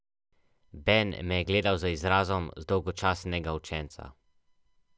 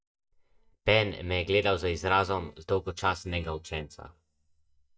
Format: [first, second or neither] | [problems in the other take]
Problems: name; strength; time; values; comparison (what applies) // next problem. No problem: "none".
first | noise reduction (neural mask model DeepFilterNet 3)